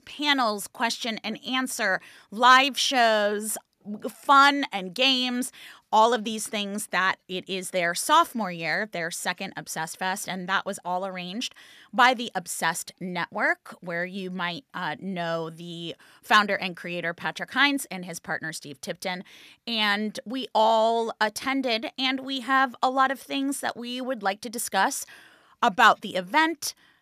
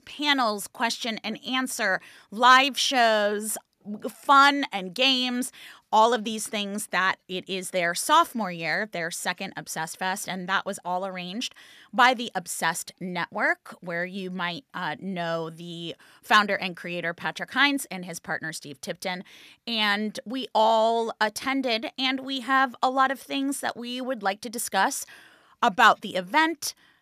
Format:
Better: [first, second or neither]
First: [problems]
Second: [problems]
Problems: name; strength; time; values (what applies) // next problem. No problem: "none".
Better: neither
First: none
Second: none